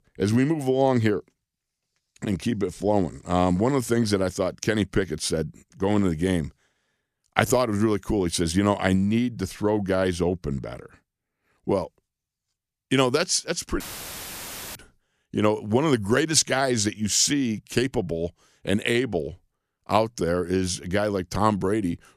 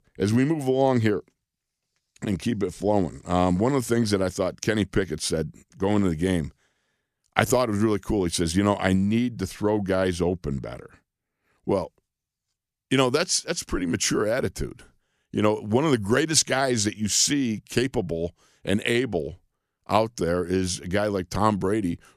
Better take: second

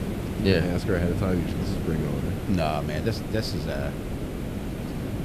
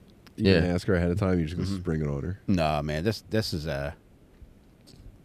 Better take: second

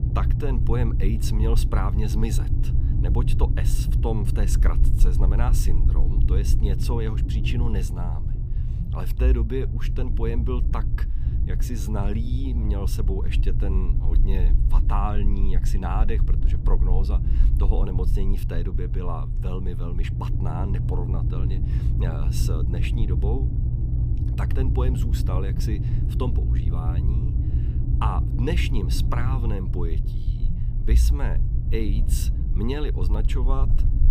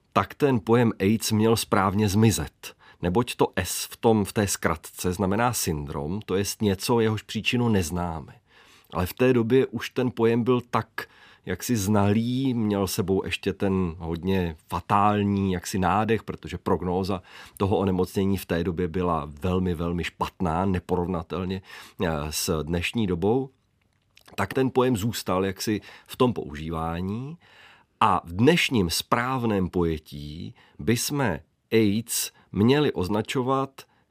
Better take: second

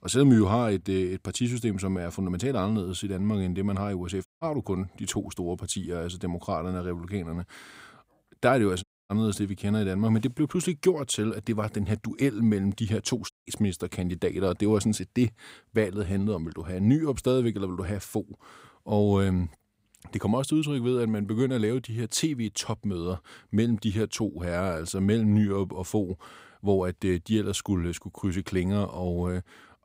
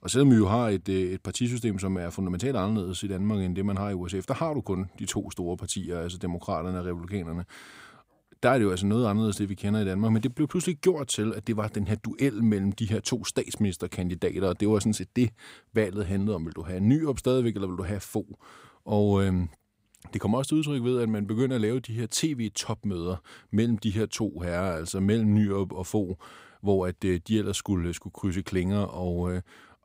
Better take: second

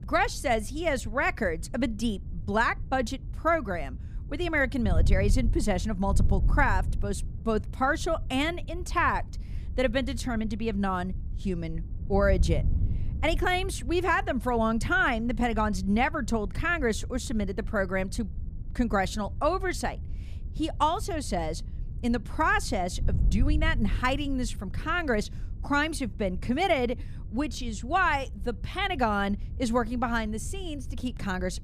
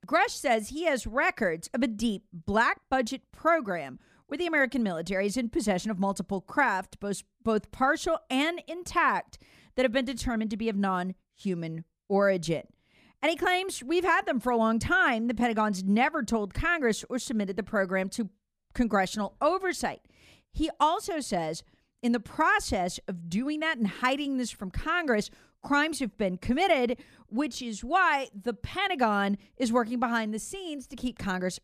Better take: second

